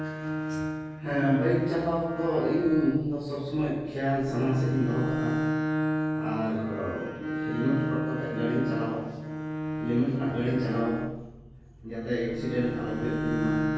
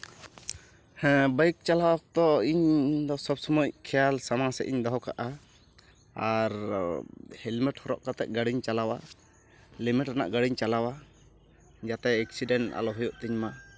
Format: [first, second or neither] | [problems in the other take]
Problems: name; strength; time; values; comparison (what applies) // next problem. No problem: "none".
second | background sound (Bowed string instrument); 3 dB below the speech // room echo; dies away in 1.3 s